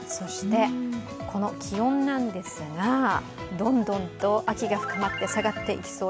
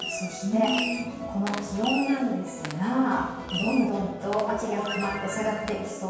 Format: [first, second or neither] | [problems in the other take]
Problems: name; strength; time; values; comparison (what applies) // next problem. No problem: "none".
first | background sound (Fireworks); 11 dB below the speech // room echo; dies away in 1.2 s